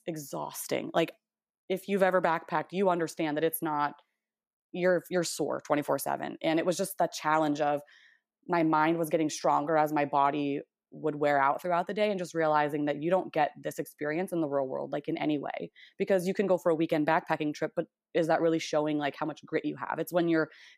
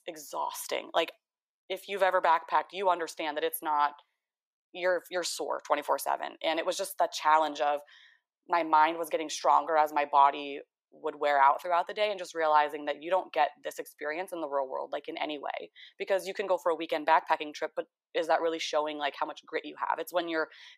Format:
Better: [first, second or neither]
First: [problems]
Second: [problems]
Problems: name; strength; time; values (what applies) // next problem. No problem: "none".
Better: first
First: none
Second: thin; very; fading below 550 Hz